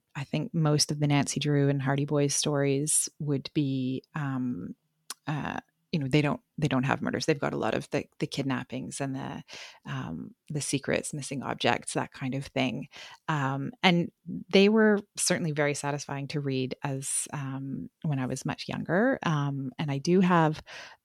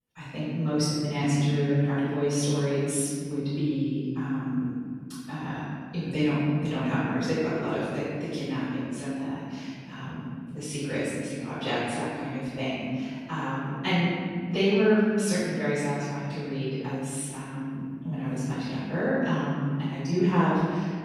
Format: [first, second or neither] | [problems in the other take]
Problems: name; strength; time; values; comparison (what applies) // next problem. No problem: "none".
first | room echo; strong; dies away in 2.1 s // off-mic speech; far